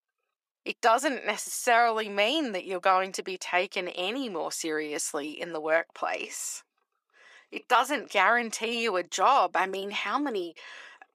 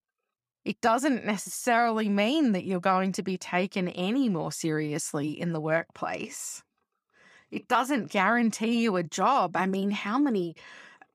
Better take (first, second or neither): second